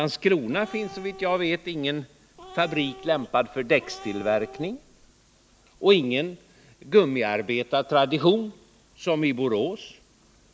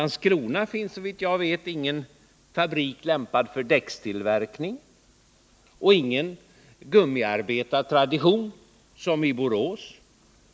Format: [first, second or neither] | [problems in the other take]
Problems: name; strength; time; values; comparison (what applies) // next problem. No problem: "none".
second | background sound (Cat); 18 dB below the speech